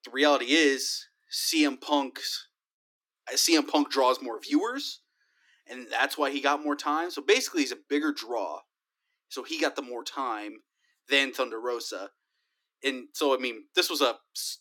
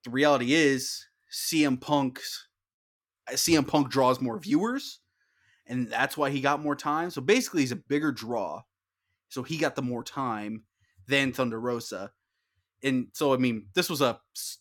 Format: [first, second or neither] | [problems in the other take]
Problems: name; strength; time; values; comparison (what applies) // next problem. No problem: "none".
second | thin; very slightly; fading below 300 Hz